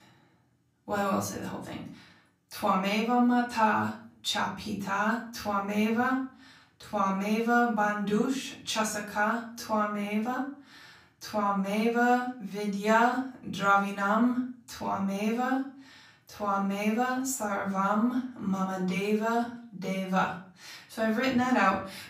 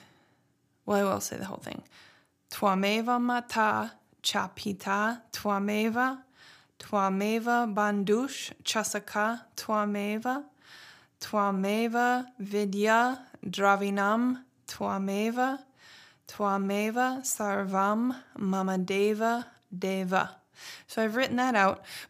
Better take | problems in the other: second | off-mic speech; far // room echo; slight; dies away in 0.4 s

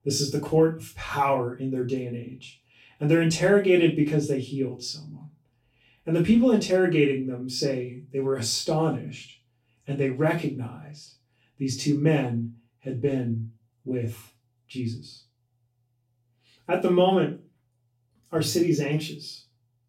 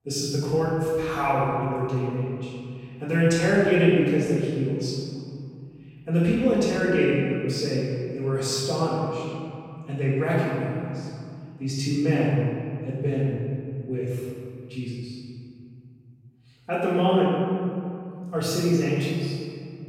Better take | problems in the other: first | room echo; strong; dies away in 2.5 s; slight in the first // off-mic speech; far; far in the first

